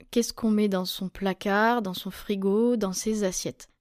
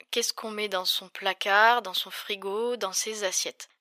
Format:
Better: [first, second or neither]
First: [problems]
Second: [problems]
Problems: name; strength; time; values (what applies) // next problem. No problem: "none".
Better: first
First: none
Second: thin; very; fading below 750 Hz